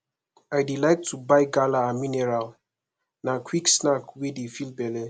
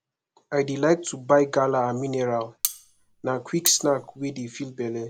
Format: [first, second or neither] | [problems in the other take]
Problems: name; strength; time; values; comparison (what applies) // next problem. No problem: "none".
first | background sound (Cutlery, silverware); 8 dB below the speech